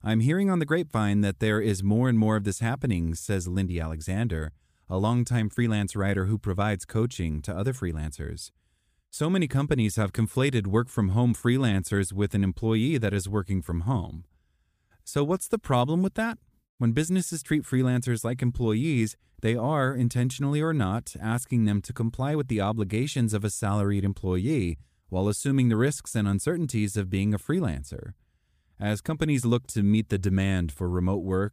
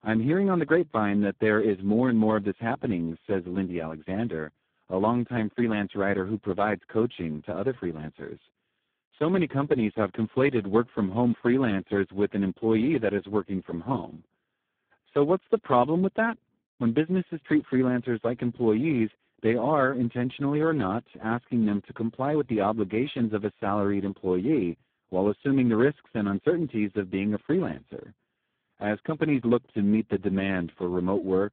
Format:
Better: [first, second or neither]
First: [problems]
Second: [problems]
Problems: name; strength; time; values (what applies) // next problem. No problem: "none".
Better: first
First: none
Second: phone-call audio; poor line; nothing above 3.5 kHz